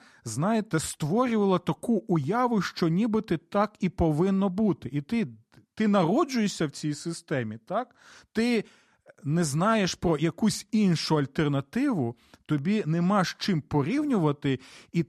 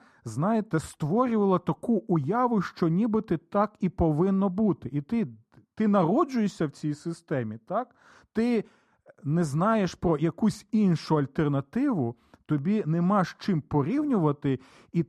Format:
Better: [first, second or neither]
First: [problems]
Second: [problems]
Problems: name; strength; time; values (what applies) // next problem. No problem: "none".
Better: first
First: none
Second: muffled; slightly; fading above 1.5 kHz